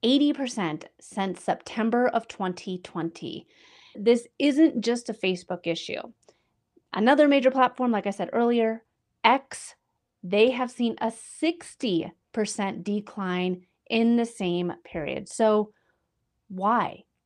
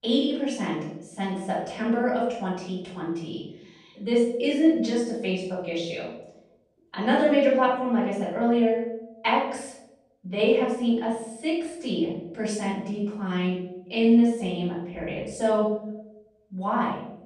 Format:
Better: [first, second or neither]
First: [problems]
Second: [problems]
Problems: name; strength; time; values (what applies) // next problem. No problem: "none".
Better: first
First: none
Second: off-mic speech; far // room echo; noticeable; dies away in 0.7 s